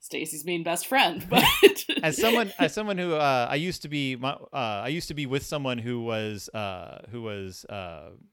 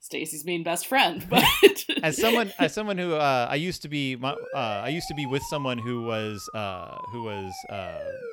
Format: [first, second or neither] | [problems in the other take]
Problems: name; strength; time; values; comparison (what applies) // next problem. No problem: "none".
first | siren; faint; from 4.5 s on; peak 10 dB below the speech